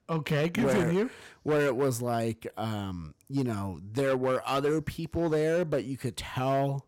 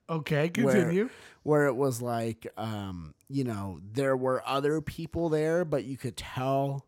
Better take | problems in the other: second | distortion; slight; 8% of the sound clipped

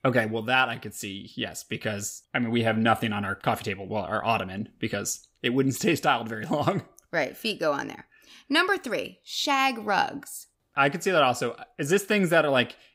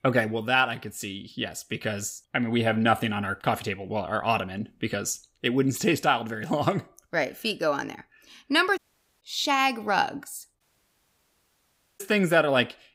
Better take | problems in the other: first | audio cutting out; at 9 s and at 11 s for 1.5 s

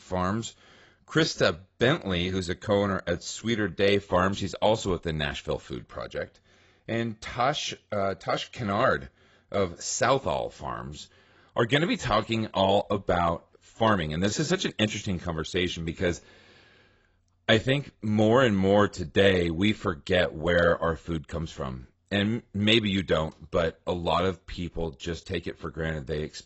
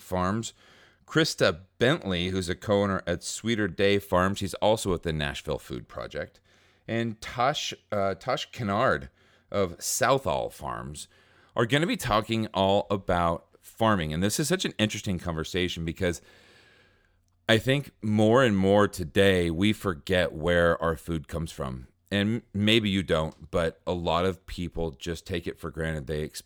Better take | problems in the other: second | garbled, watery; badly; nothing above 7.5 kHz

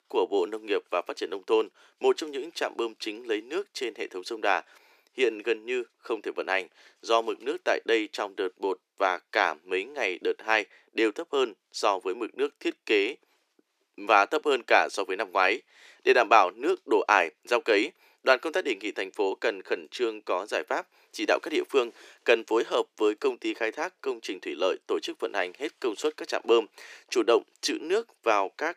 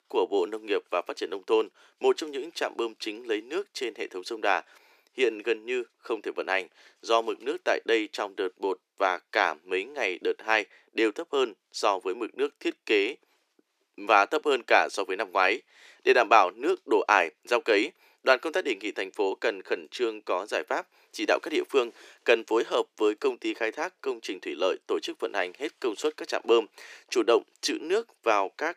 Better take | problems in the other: neither | thin; very; fading below 300 Hz; the same in both

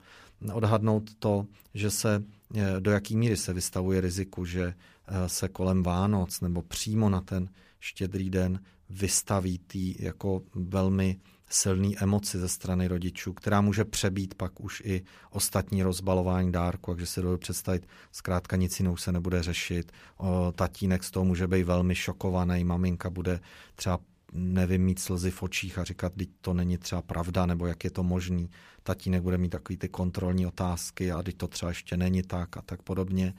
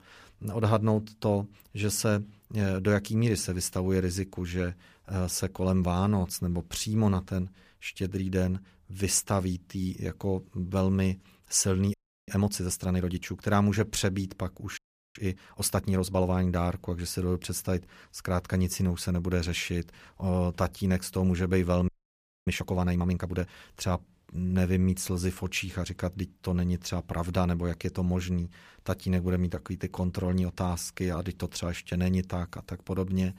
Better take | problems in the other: first | audio freezing; at 12 s, at 15 s and at 22 s for 0.5 s

